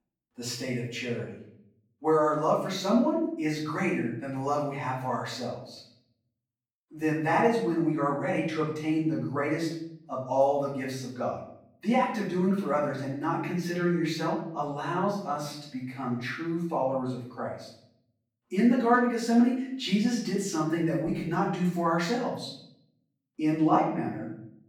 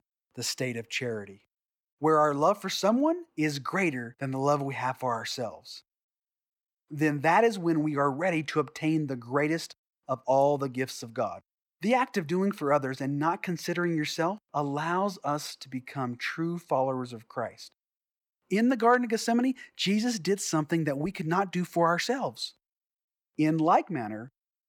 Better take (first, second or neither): second